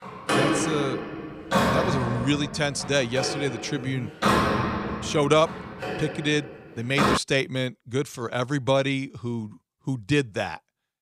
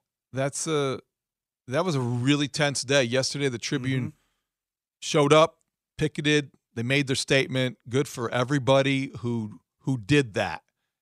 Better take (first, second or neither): second